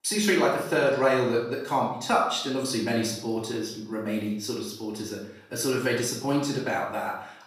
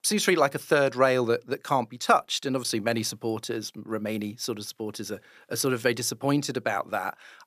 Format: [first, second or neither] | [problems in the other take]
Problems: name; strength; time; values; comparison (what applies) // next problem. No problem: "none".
second | off-mic speech; far // room echo; noticeable; dies away in 0.6 s